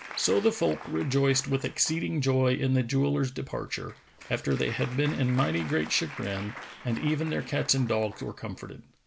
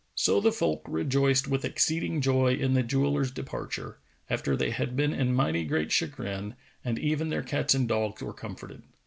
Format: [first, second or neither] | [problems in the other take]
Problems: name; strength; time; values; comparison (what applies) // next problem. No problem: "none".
second | background sound (Applause); 17 dB below the speech